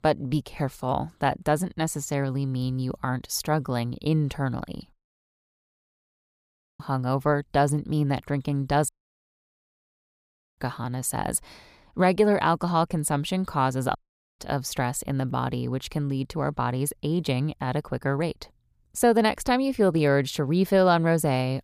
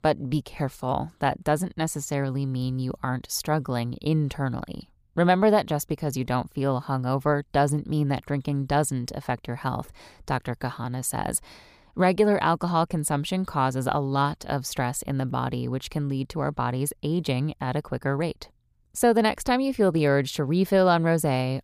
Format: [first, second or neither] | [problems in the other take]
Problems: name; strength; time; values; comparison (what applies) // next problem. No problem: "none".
second | audio cutting out; at 5 s for 2 s, at 9 s for 1.5 s and at 14 s